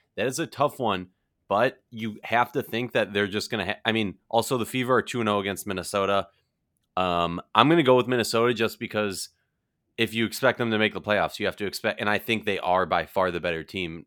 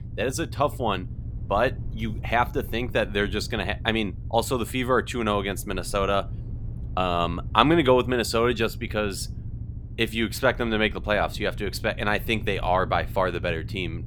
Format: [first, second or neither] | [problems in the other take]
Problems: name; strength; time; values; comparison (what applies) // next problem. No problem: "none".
first | low rumble; faint; throughout; 25 dB below the speech